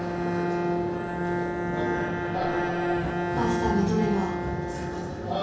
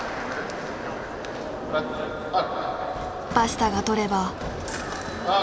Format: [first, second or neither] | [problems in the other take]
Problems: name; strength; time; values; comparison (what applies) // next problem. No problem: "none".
second | background sound (Bowed string instrument); 1 dB above the speech // room echo; dies away in 0.6 s